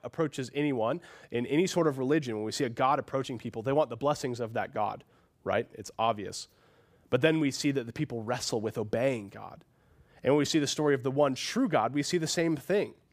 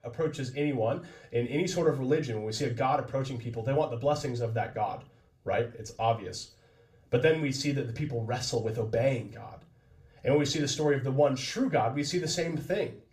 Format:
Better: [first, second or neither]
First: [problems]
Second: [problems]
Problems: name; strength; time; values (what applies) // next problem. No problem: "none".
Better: first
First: none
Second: room echo; very slight; dies away in 0.3 s // off-mic speech; far